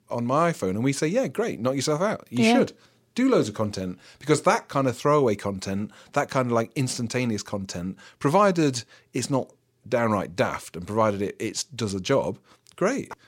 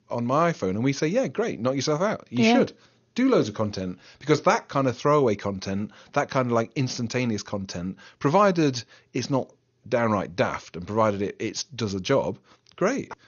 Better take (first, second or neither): first